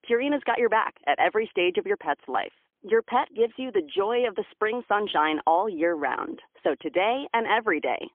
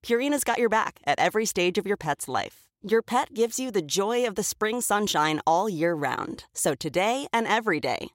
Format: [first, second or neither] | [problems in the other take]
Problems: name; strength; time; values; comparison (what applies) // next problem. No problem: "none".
second | phone-call audio; poor line; nothing above 3.5 kHz